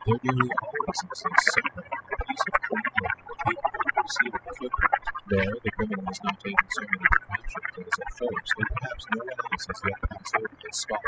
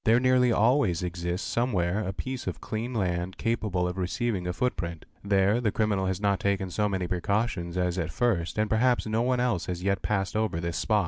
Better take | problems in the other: second | noise reduction (classical method spectral subtraction)

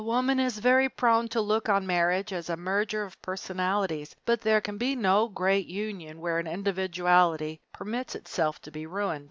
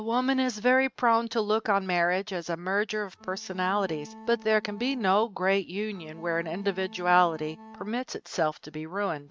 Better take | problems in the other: first | noise reduction (neural mask model RNNoise)

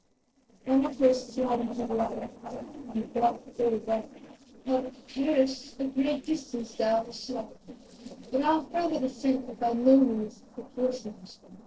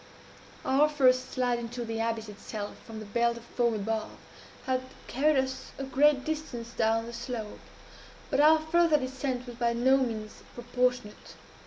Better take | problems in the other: second | noise reduction (neural separator model SepFormer DNS4)

